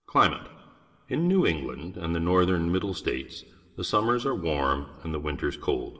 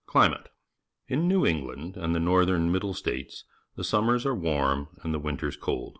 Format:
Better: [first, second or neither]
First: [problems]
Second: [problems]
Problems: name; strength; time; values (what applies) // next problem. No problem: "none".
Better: second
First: room echo; dies away in 1.4 s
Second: none